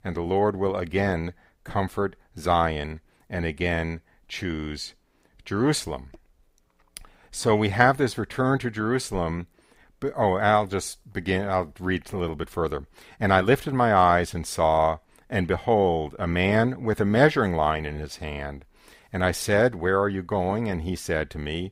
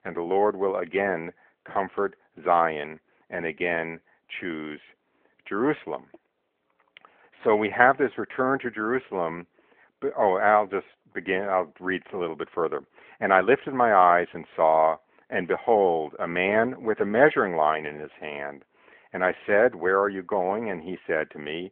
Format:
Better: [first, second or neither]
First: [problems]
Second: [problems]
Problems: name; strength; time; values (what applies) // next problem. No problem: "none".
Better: first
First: none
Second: phone-call audio